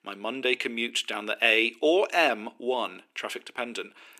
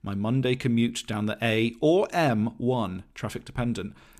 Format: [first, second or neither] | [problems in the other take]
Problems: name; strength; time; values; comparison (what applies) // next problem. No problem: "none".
second | thin; very; fading below 350 Hz